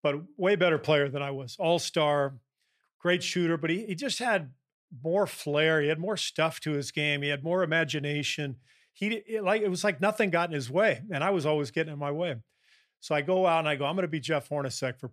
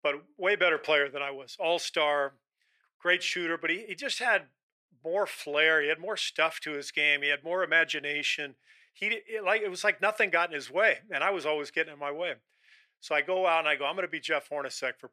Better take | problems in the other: first | thin; very; fading below 450 Hz

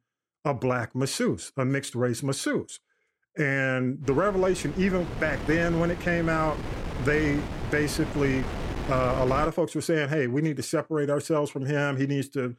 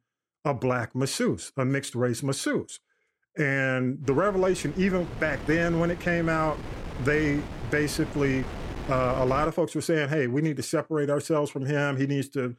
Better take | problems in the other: second | wind noise on the microphone; heavy; from 4 to 9.5 s; 10 dB below the speech; occasional gusts in the second

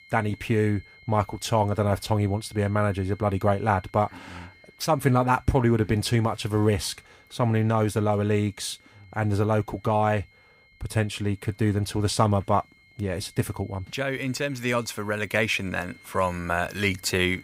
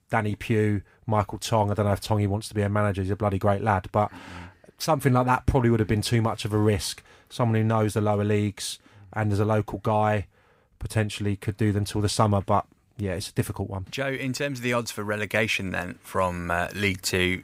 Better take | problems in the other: second | high-pitched whine; faint; throughout; 2 kHz, 30 dB below the speech

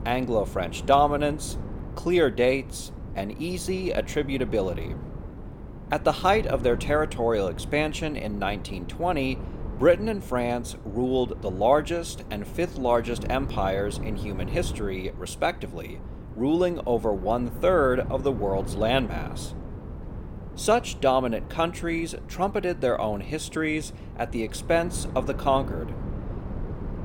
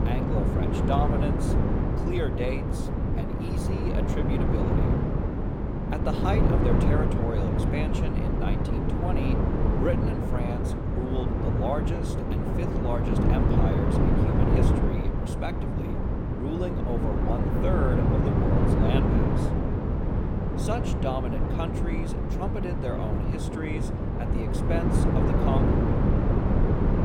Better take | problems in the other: first | wind noise on the microphone; heavy; 3 dB above the speech; occasional gusts in the first

